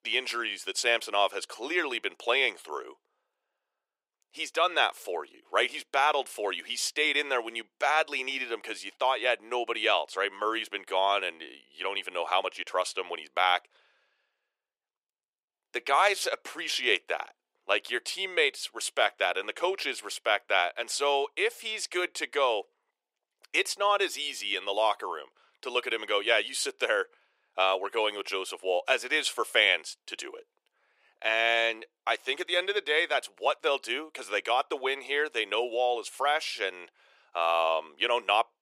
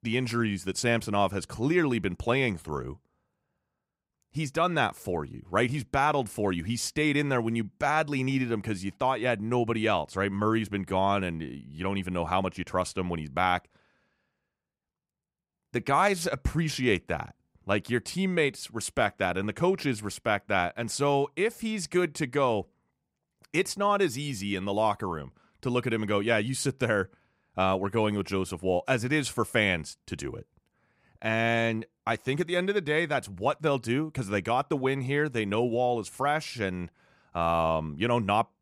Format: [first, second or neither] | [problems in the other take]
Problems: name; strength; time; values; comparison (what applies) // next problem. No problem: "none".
second | thin; very; fading below 400 Hz